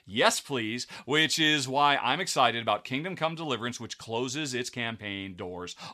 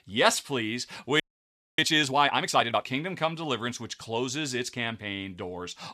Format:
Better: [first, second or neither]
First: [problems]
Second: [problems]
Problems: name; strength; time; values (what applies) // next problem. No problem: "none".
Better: first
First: none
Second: audio freezing; at 1 s for 0.5 s